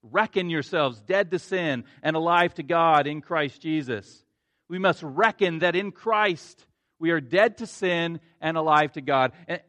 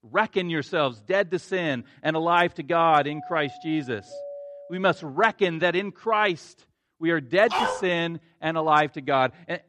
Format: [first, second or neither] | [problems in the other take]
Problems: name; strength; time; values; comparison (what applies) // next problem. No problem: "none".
first | doorbell; faint; from 3 to 5 s; peak 15 dB below the speech // dog barking; noticeable; at 7.5 s; peak 2 dB below the speech